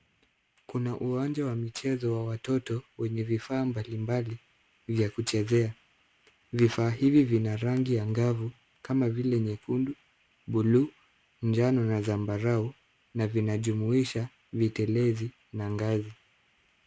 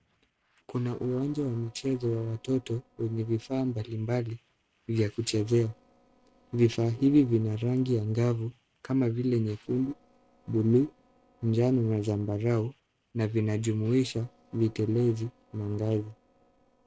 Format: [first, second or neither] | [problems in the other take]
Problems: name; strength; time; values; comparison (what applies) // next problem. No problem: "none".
first | noise reduction (neural separator model SepFormer DNS4)